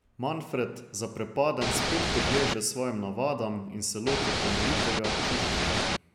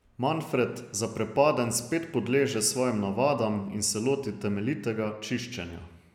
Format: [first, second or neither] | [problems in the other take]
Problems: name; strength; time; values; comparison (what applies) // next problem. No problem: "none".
second | background sound (Ocean / Boat, Water vehicle); 4 dB above the speech